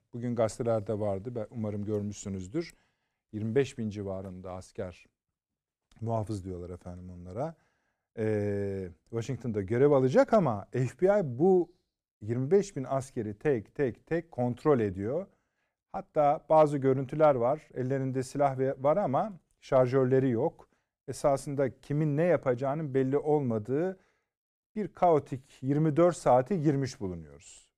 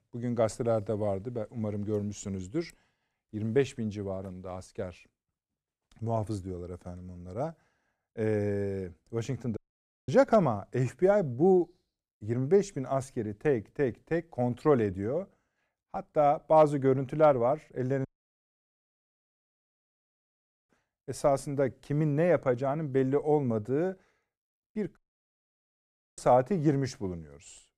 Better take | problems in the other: first | audio cutting out; at 9.5 s for 0.5 s, at 18 s for 2.5 s and at 25 s for 1 s

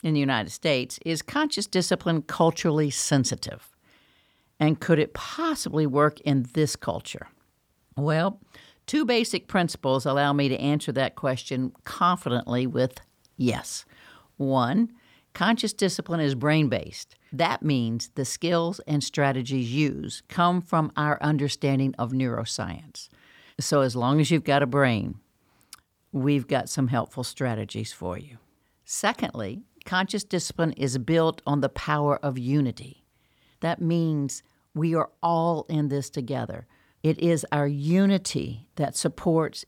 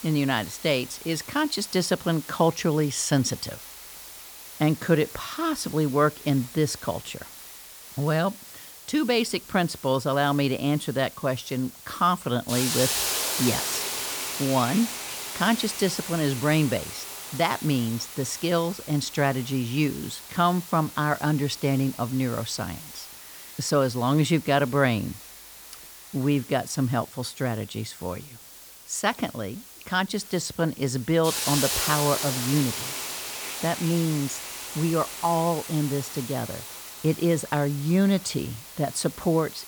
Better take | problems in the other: first | hiss; loud; throughout; 8 dB below the speech

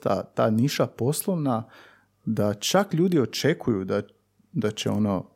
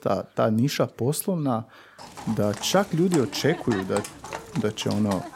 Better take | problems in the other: first | animal sounds; noticeable; throughout; 10 dB below the speech

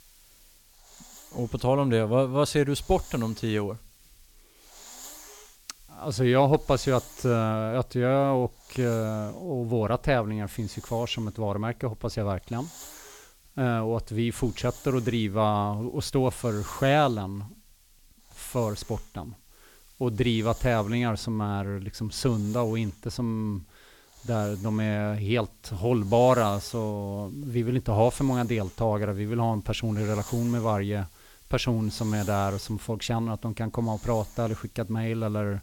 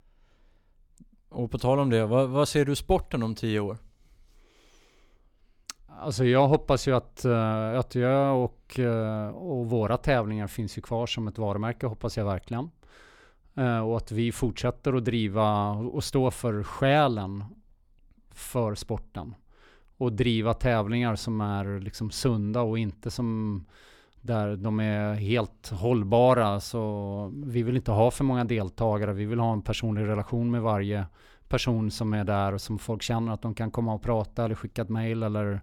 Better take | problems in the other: second | hiss; faint; throughout; 20 dB below the speech

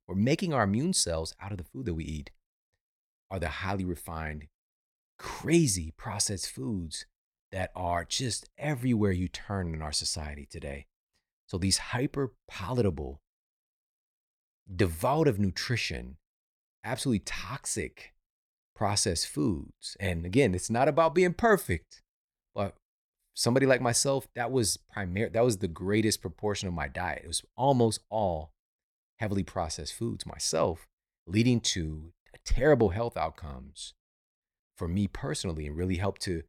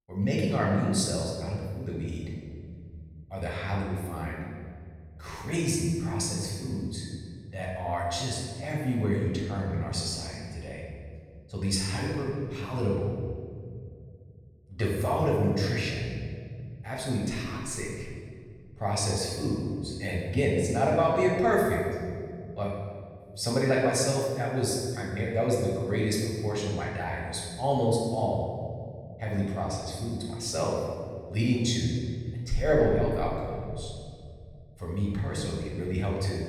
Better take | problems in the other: first | off-mic speech; far // room echo; noticeable; dies away in 2.1 s

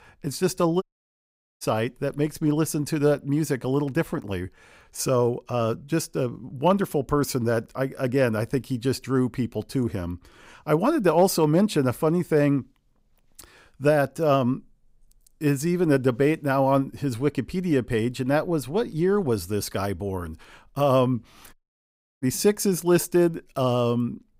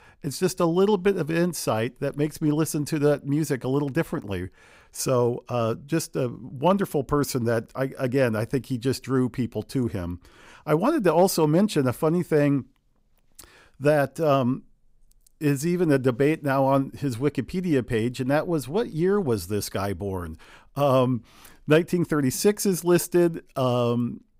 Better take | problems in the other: second | audio cutting out; at 1 s for 1 s and at 22 s for 0.5 s

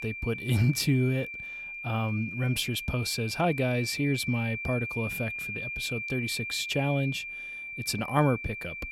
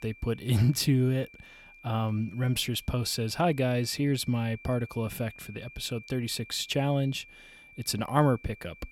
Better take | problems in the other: second | high-pitched whine; loud; throughout; 2.5 kHz, 6 dB below the speech; faint in the second

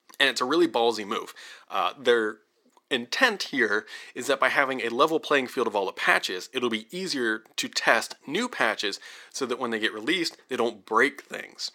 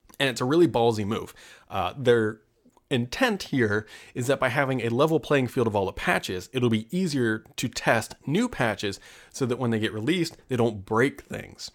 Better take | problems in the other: second | thin; somewhat; fading below 250 Hz

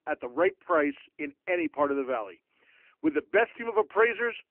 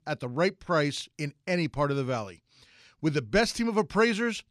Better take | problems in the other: second | phone-call audio; poor line; nothing above 3 kHz

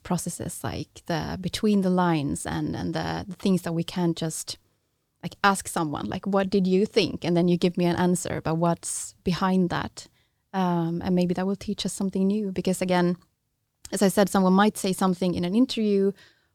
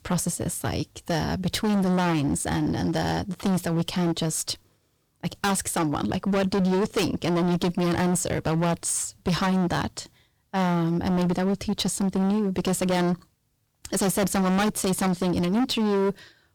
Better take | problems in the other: first | distortion; heavy; 21% of the sound clipped

